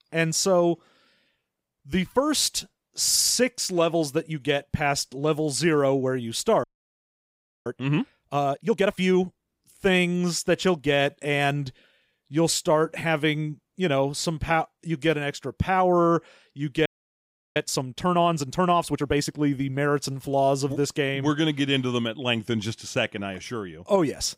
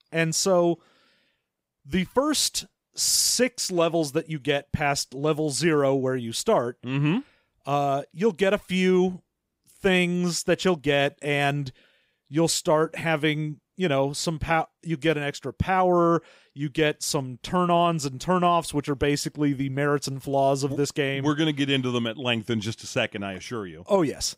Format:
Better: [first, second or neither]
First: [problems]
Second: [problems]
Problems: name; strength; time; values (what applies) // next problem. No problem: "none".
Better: second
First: audio freezing; at 6.5 s for 1 s and at 17 s for 0.5 s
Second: none